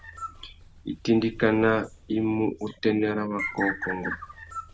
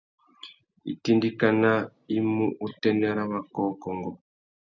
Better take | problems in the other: second | background sound (Bird); 11 dB below the speech

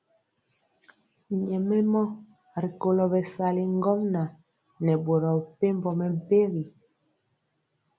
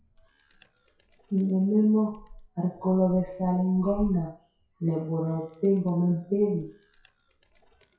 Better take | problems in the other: first | noise reduction (classical method WPE with log-MMSE)

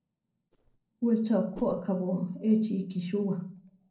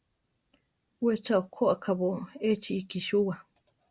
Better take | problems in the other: second | noise reduction (neural separator model SepFormer DNS4)

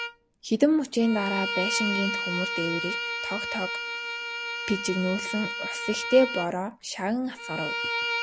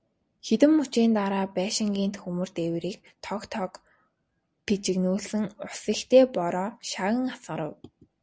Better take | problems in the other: second | background sound (Bowed string instrument); 4 dB below the speech

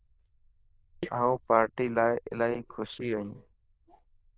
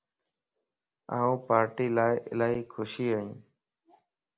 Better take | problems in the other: second | noise reduction (neural diffusion model UNIVERSE++)

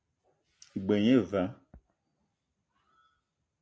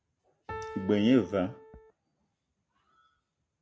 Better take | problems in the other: first | background sound (Piano); 11 dB below the speech

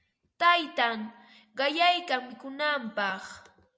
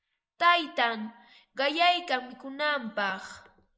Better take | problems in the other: first | noise reduction (neural mask model Resemble Enhance denoiser)

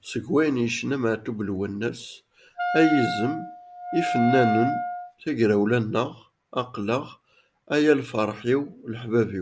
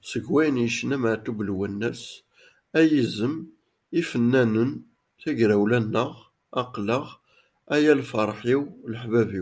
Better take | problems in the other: second | background sound (Wind instrument, woodwind instrument); 3 dB below the speech

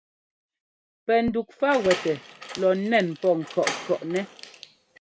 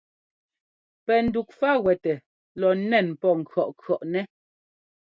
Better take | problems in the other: second | background sound (Door); 11 dB below the speech

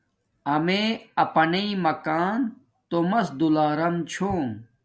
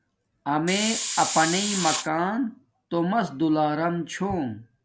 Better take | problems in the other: first | background sound (Hiss); 3 dB below the speech

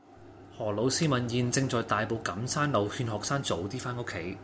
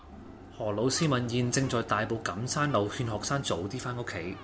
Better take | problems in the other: first | background sound (Gull, seagull + Organ); 20 dB below the speech

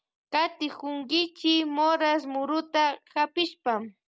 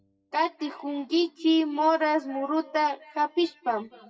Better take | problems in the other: first | noise reduction (classical method WPE with log-MMSE)

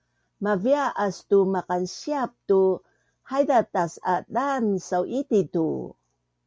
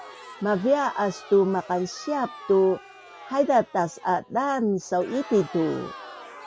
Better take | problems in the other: first | background sound (Crowd); 18 dB below the speech

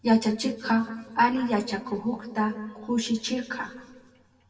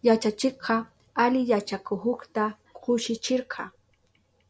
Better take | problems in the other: second | room echo; dies away in 1.4 s

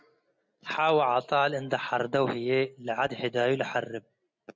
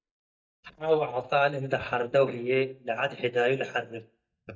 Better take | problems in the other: first | noise reduction (neural mask model DeepFilterNet 3)

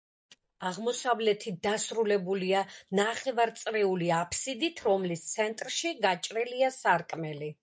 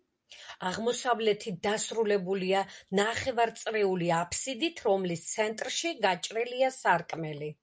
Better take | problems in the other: second | noise reduction (neural mask model DeepFilterNet 3)

